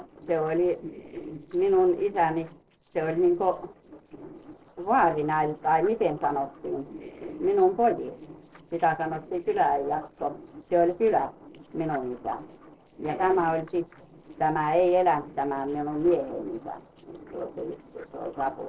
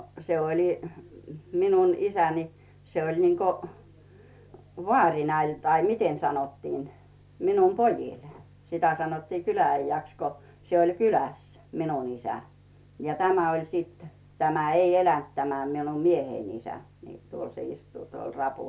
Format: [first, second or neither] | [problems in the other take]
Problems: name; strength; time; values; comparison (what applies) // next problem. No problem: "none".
second | noise reduction (neural separator model SepFormer DNS4)